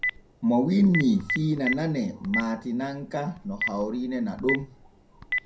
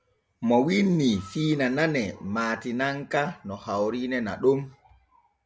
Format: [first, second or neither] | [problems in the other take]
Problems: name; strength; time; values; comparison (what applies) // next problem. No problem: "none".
second | background sound (Telephone); 8 dB below the speech // room echo; dies away in 0.3 s